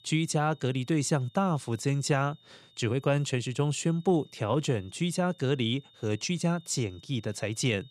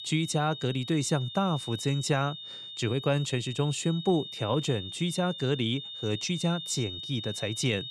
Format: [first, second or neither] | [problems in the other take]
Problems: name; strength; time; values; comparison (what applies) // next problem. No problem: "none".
first | high-pitched whine; loud; throughout; 3.5 kHz, 8 dB below the speech; faint in the first